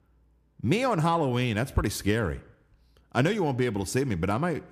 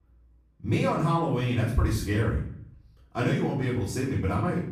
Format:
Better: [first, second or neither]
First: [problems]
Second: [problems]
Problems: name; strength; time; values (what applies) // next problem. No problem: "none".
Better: first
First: none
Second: off-mic speech; far // room echo; noticeable; dies away in 0.5 s